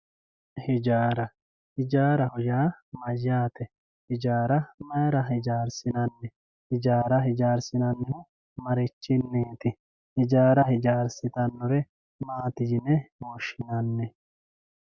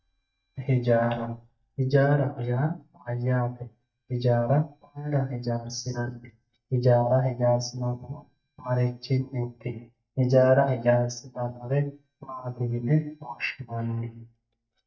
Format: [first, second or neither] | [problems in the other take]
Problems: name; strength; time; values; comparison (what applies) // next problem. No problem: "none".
first | noise reduction (neural mask model DeepFilterNet 3)